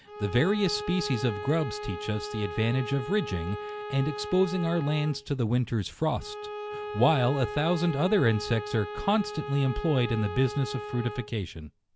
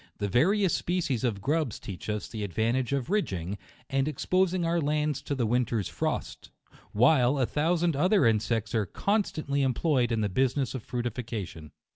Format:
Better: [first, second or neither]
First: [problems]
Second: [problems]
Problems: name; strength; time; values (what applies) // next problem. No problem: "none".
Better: second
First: background sound (Bowed string instrument); 9 dB below the speech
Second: none